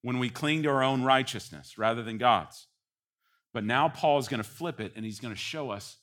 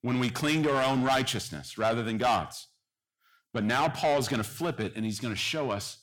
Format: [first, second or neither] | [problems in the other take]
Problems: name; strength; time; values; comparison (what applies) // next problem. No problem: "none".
first | distortion; heavy; 6 dB below the speech